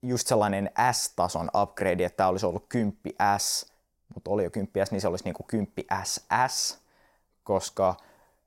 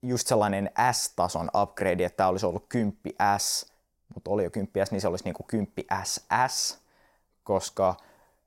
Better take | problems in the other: neither | none

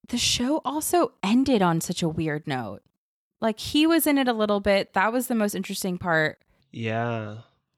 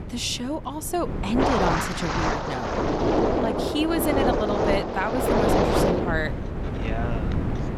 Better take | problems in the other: first | wind noise on the microphone; heavy; 4 dB above the speech

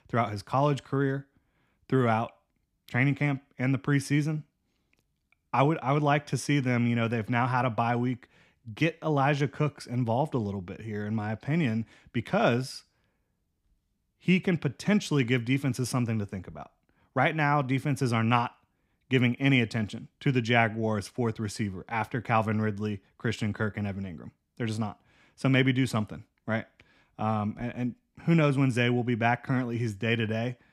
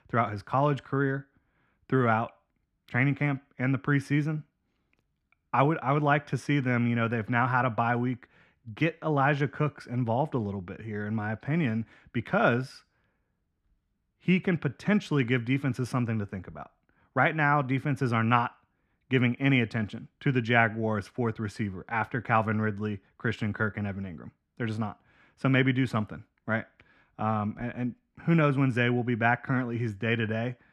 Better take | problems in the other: first | muffled; slightly; fading above 4 kHz

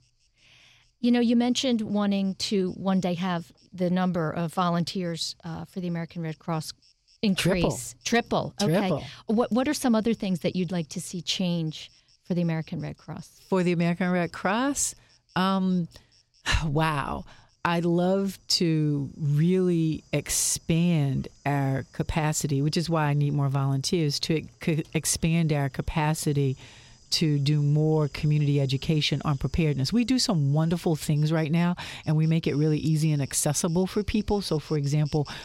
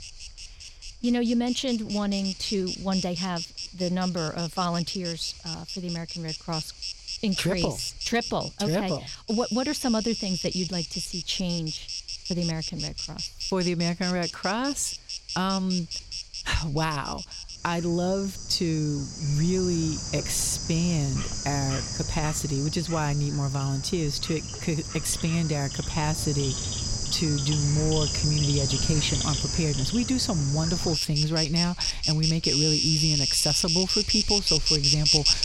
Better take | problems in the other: first | animal sounds; loud; throughout; 1 dB below the speech; faint in the first

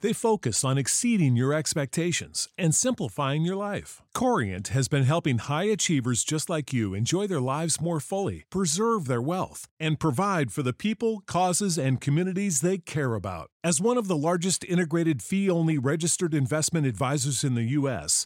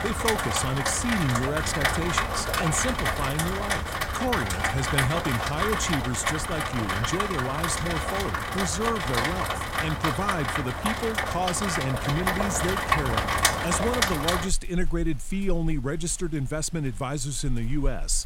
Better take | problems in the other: first | rain or running water; very loud; throughout; 2 dB above the speech

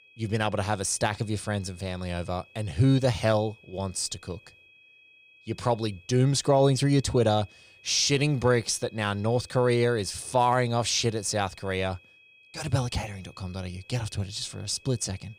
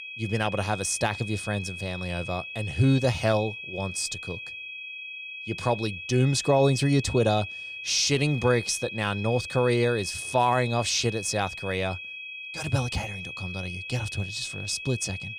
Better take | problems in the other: first | high-pitched whine; loud; throughout; 2.5 kHz, 9 dB below the speech; faint in the first

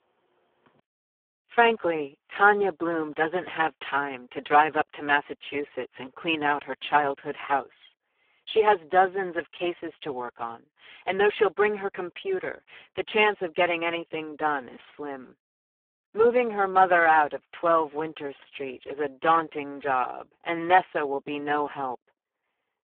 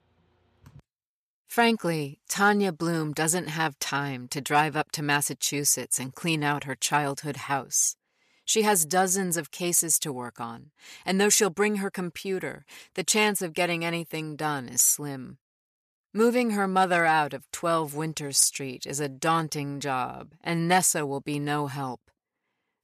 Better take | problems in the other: second | phone-call audio; poor line

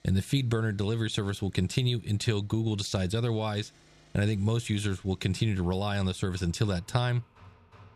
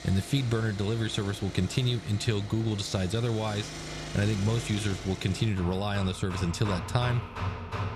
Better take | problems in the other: first | machinery noise; loud; throughout; 9 dB below the speech; faint in the first

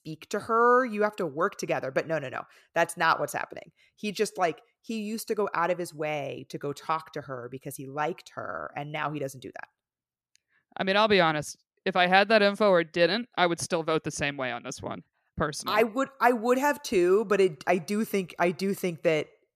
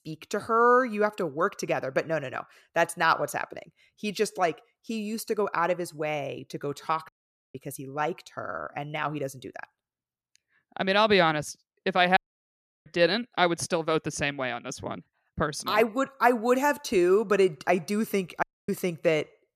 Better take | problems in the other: first | audio cutting out; at 7 s, at 12 s for 0.5 s and at 18 s

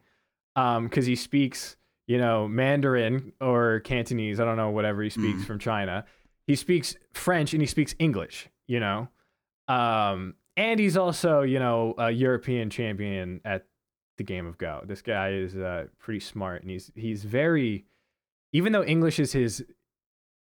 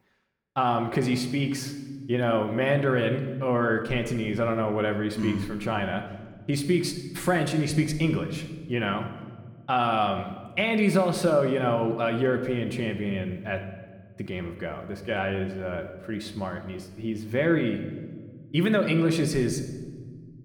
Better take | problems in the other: first | room echo; slight; dies away in 1.1 s

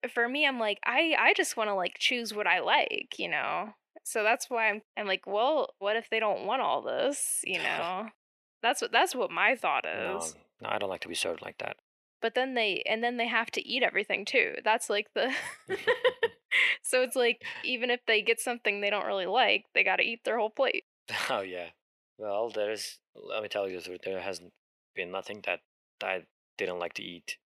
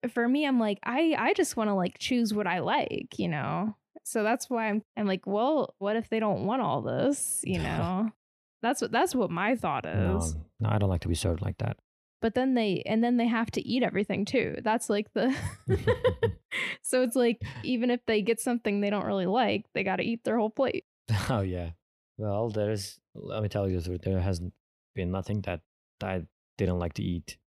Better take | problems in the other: second | thin; very; fading below 550 Hz

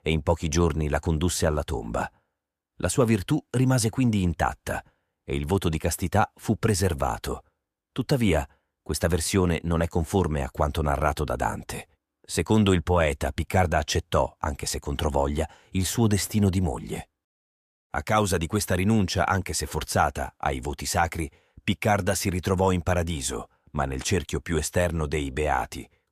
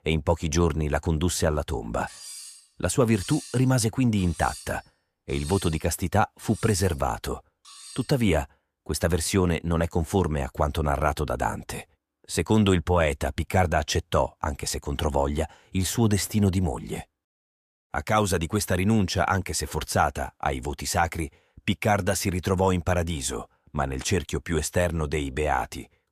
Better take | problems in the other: first | clattering dishes; faint; from 2 to 8 s; peak 10 dB below the speech

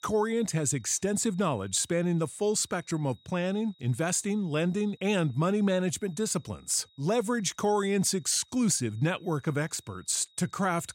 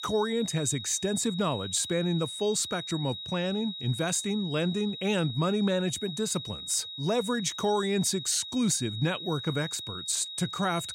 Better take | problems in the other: first | high-pitched whine; loud; throughout; 4 kHz, 8 dB below the speech; faint in the first

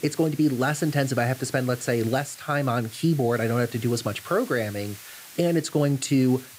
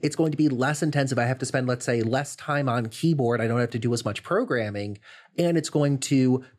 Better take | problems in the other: second | hiss; noticeable; throughout; 15 dB below the speech

